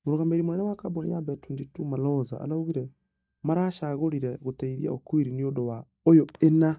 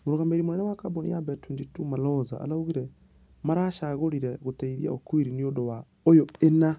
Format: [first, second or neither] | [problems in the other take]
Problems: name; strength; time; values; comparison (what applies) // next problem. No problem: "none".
second | noise reduction (neural mask model DeepFilterNet 3)